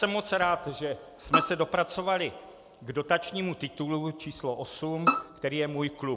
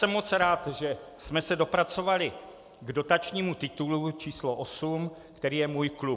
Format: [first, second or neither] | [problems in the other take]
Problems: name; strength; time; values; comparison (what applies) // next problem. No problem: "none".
second | background sound (Bowed string instrument); 1 dB below the speech